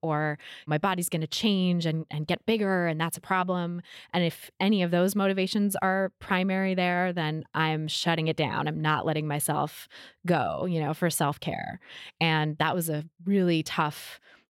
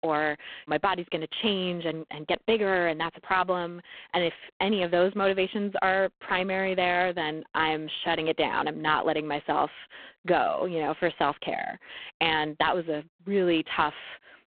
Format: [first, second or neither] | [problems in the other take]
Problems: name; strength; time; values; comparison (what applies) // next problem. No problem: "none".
first | phone-call audio; poor line